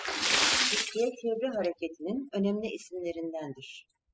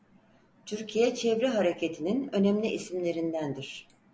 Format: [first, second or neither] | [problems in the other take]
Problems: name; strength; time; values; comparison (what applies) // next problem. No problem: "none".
second | noise reduction (classical method spectral subtraction)